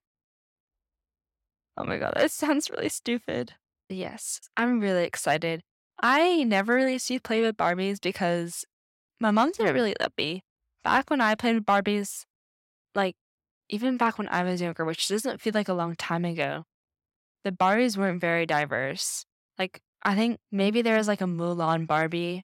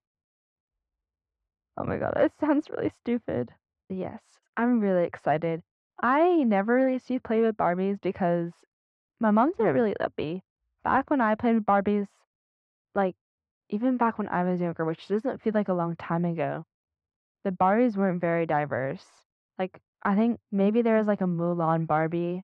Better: first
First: none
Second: muffled; very; fading above 1 kHz

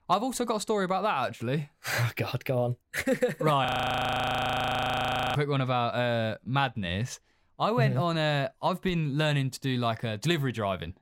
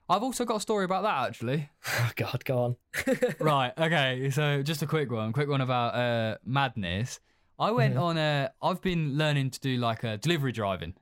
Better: second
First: audio freezing; at 3.5 s for 1.5 s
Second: none

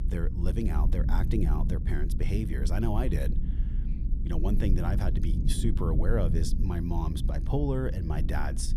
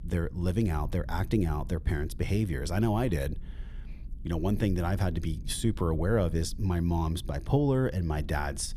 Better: second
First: low rumble; loud; throughout; 8 dB below the speech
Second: low rumble; faint; throughout; 25 dB below the speech

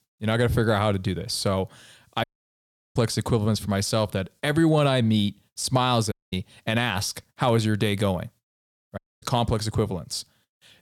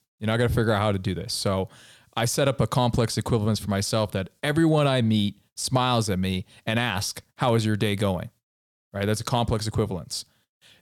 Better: second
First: audio cutting out; at 2 s for 0.5 s, at 6 s and at 9 s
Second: none

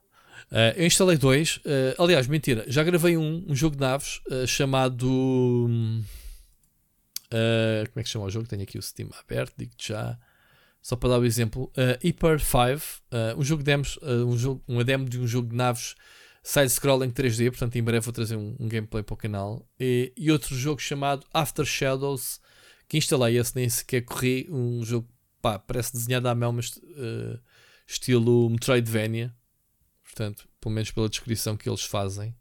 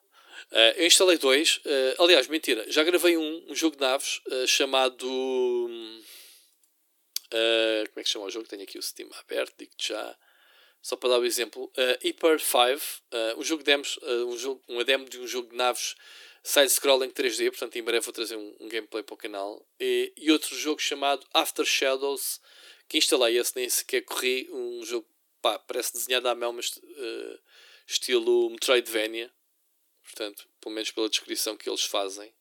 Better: first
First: none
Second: thin; very; fading below 300 Hz

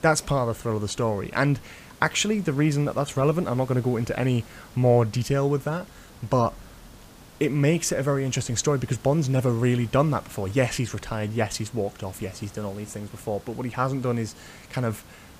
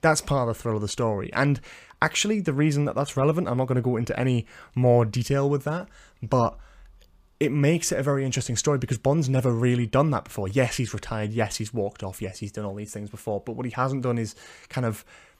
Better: second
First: hiss; faint; throughout; 20 dB below the speech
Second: none

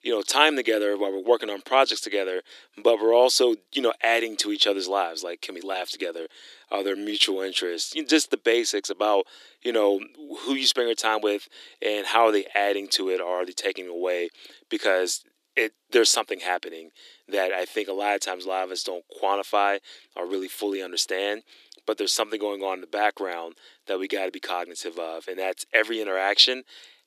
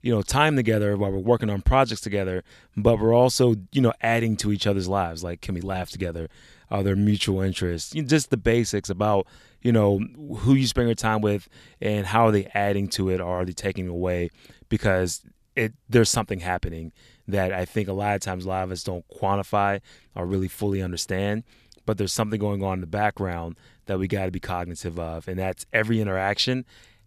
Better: second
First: thin; very; fading below 300 Hz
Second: none

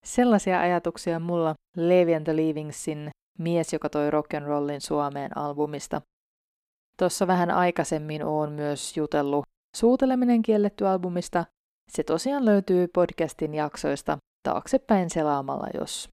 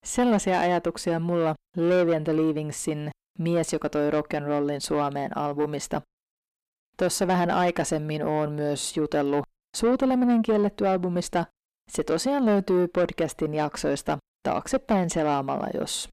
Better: first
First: none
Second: distortion; slight; 10 dB below the speech

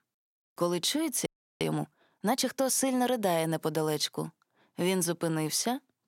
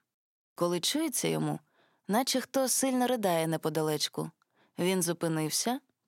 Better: second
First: audio freezing; at 1.5 s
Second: none

